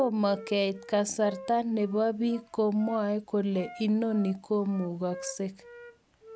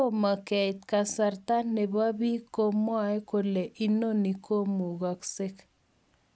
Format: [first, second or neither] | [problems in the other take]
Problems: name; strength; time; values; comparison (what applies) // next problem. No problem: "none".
second | background sound (Wind instrument, woodwind instrument); 19 dB below the speech